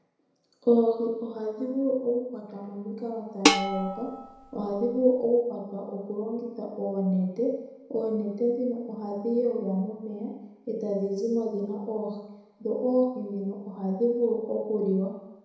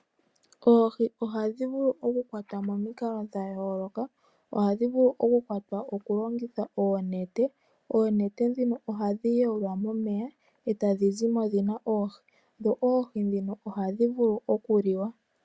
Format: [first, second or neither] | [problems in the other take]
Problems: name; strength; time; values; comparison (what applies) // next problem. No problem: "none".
second | background sound (Dishes, pots, and pans); as loud as the speech // room echo; dies away in 1 s